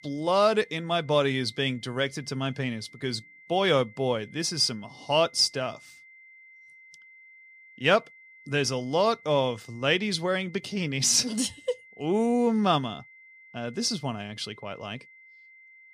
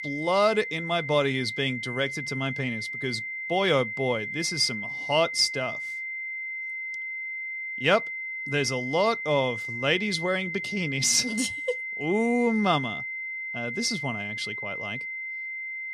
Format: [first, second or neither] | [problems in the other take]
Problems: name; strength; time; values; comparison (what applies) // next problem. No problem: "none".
first | high-pitched whine; loud; throughout; 2 kHz, 5 dB below the speech; faint in the first